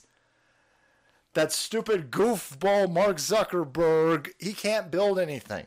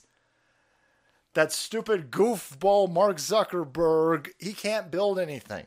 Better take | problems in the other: second | distortion; slight; 7% of the sound clipped

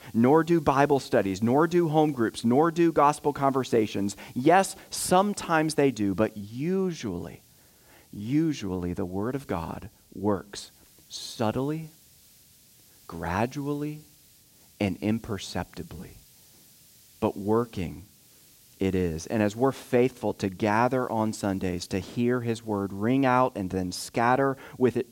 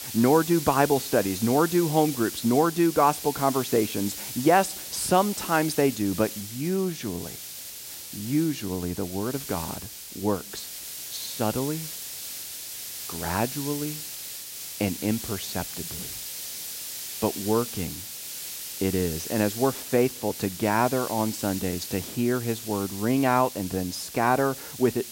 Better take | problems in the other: first | hiss; loud; throughout; 8 dB below the speech; faint in the first

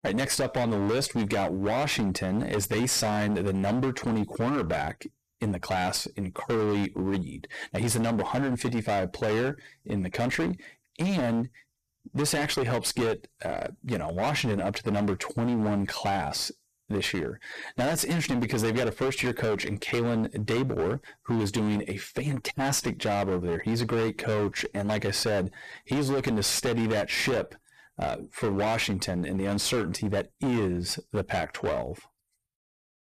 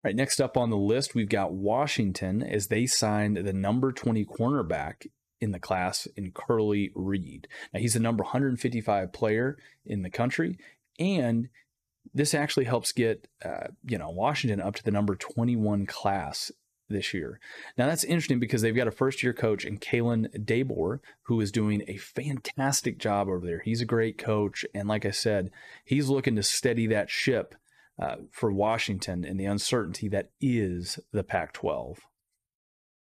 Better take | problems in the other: second | distortion; heavy; 25% of the sound clipped

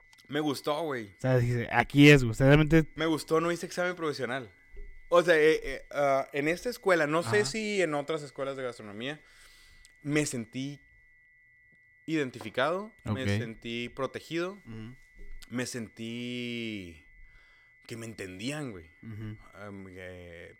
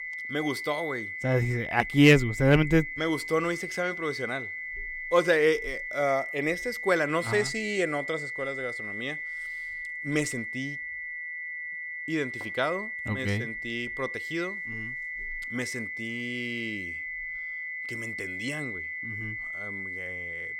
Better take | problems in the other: first | high-pitched whine; loud; throughout; 2 kHz, 6 dB below the speech; faint in the first

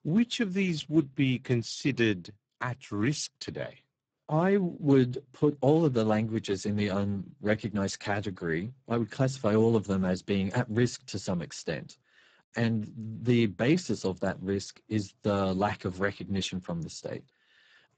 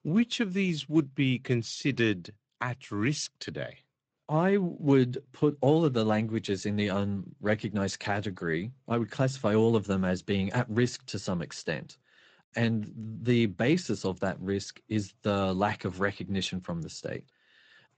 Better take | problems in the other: second | garbled, watery; badly; nothing above 8 kHz; slightly in the second

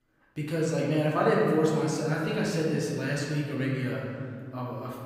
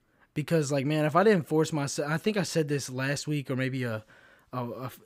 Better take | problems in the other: second | room echo; noticeable; dies away in 1.9 s // off-mic speech; far

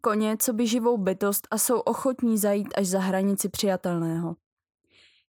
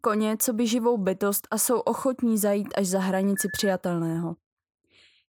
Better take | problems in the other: first | phone ringing; noticeable; at 3.5 s; peak 9 dB below the speech

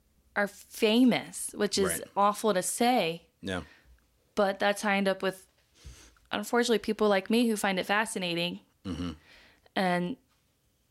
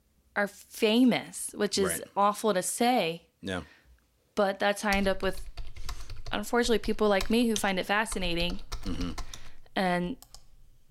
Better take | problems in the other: first | keyboard typing; noticeable; from 5 to 10 s; peak 9 dB below the speech

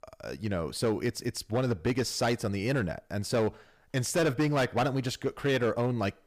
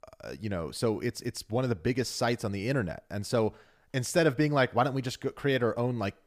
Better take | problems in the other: second | distortion; slight; 8% of the sound clipped

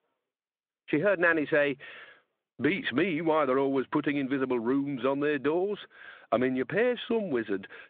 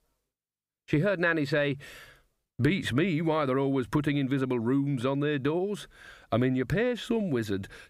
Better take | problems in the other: second | phone-call audio; nothing above 3.5 kHz

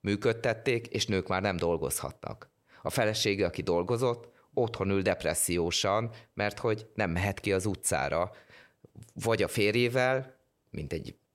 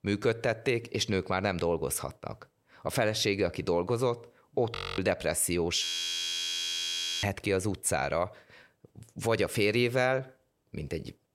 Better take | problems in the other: first | audio freezing; at 5 s and at 6 s for 1.5 s

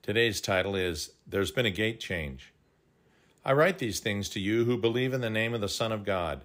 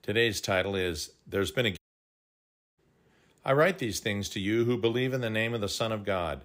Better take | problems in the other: first | audio cutting out; at 2 s for 1 s

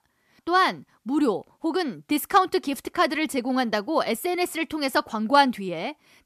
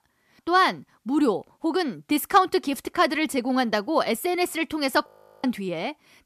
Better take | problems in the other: first | audio freezing; at 5 s

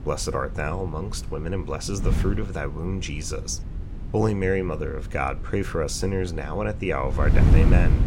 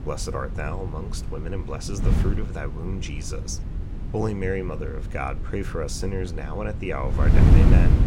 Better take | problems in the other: first | wind noise on the microphone; heavy; 4 dB below the speech; occasional gusts in the first

